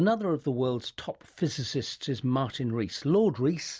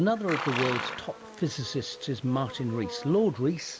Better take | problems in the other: first | background sound (Livestock, farm animals, working animals); 9 dB below the speech

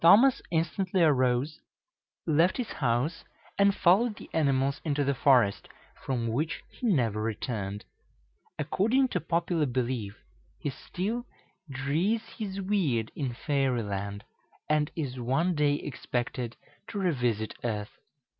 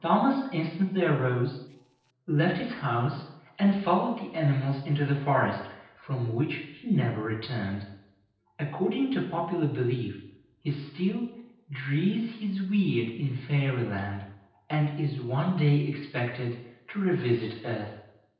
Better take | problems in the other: first | noise reduction (neural separator model SepFormer DNS4)

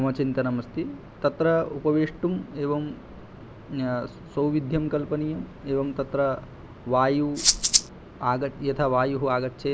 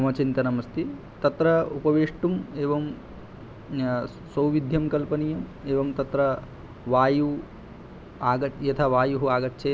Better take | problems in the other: second | background sound (Rattle (instrument)); 4 dB above the speech

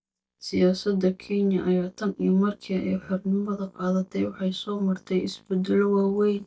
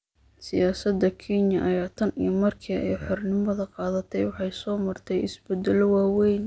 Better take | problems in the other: second | noise reduction (neural mask model DeepFilterNet 3)

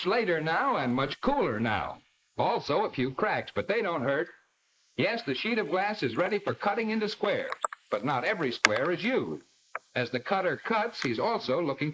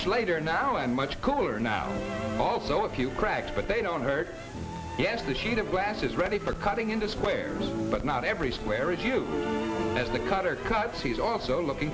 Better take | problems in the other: second | noise reduction (neural mask model Resemble Enhance denoiser)

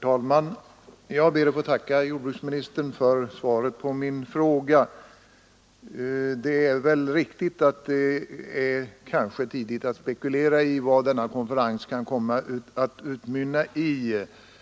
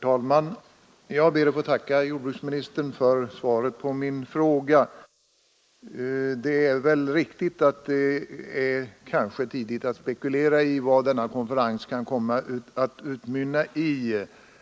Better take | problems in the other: first | noise reduction (neural mask model Resemble Enhance denoiser)

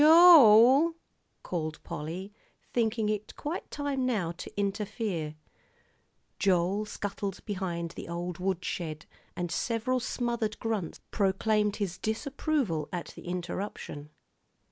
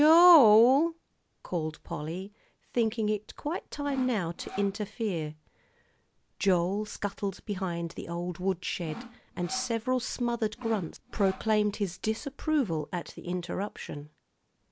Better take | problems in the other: first | background sound (Sawing); 15 dB below the speech

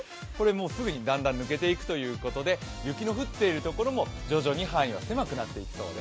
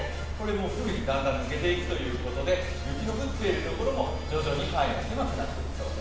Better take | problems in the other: first | background sound (Mechanical fan); 4 dB below the speech // room echo; dies away in 1.1 s

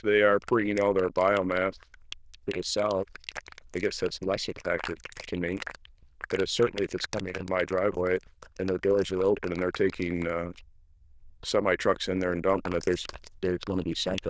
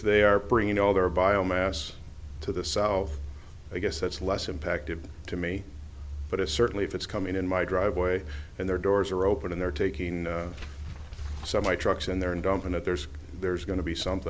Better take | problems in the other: second | noise reduction (neural diffusion model UNIVERSE++)

